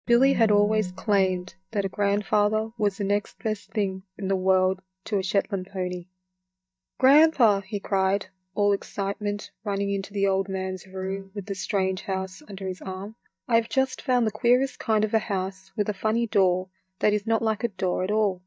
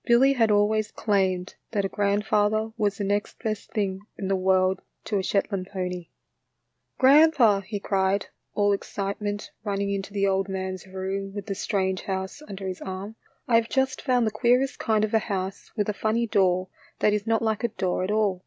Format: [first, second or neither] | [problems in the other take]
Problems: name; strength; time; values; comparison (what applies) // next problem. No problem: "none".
second | noise reduction (neural mask model DeepFilterNet 3)